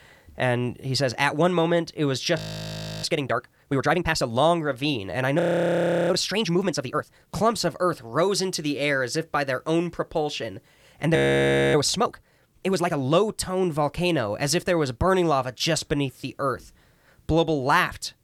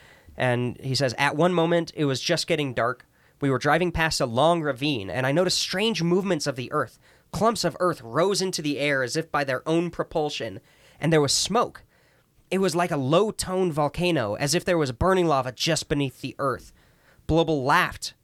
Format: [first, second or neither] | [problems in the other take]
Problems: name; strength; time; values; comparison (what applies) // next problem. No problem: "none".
second | audio freezing; at 2.5 s for 0.5 s, at 5.5 s for 0.5 s and at 11 s for 0.5 s